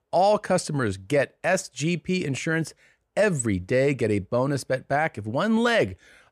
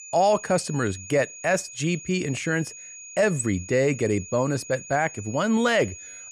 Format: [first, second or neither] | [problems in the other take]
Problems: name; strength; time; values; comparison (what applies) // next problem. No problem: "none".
first | high-pitched whine; noticeable; throughout; 6.5 kHz, 15 dB below the speech